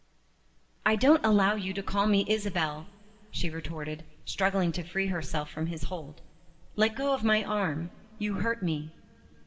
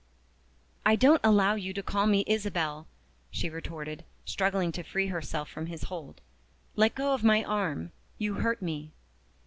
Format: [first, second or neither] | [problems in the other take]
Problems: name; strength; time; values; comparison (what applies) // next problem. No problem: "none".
second | room echo; dies away in 2.7 s